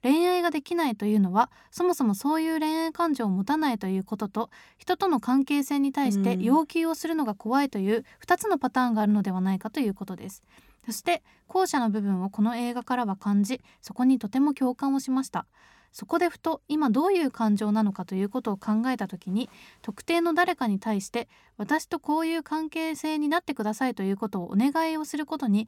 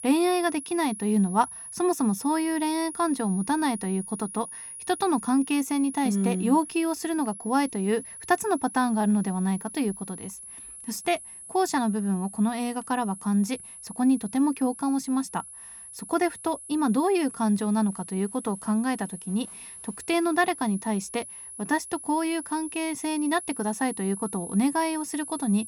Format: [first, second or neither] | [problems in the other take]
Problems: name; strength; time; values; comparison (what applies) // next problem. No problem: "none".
first | high-pitched whine; noticeable; throughout; 10.5 kHz, 10 dB below the speech